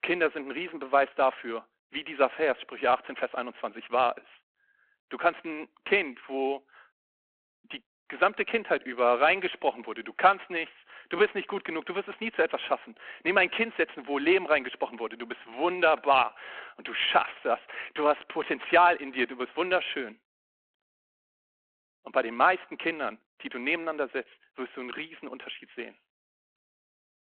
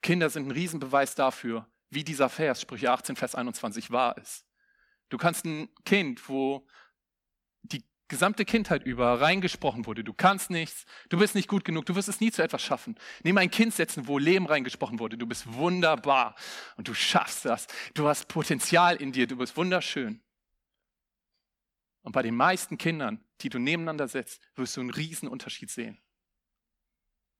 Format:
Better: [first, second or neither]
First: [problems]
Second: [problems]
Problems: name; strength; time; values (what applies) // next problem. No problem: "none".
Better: second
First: phone-call audio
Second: none